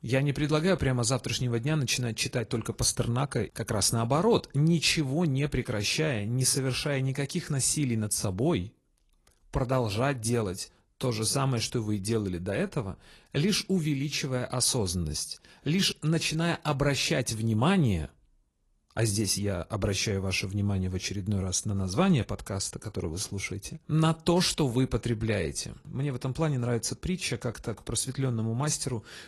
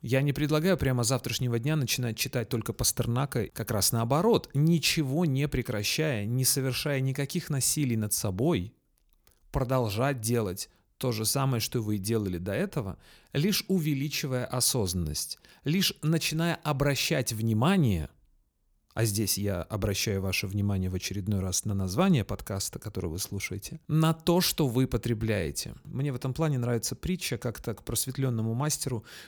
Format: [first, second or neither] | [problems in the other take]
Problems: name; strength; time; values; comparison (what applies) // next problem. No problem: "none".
second | garbled, watery; slightly; nothing above 11.5 kHz